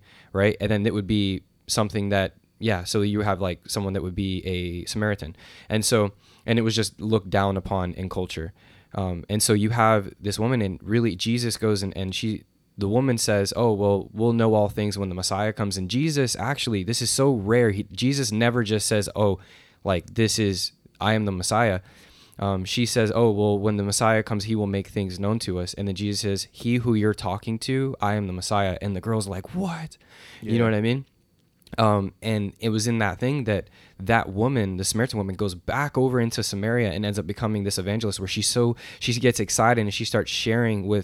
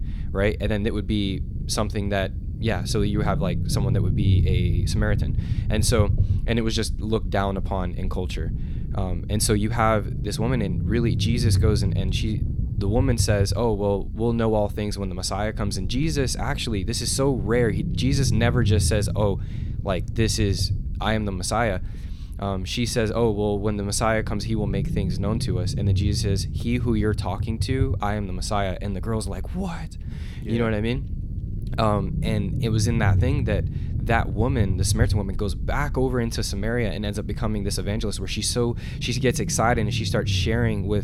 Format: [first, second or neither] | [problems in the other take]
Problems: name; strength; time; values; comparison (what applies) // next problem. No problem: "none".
first | low rumble; noticeable; throughout; 15 dB below the speech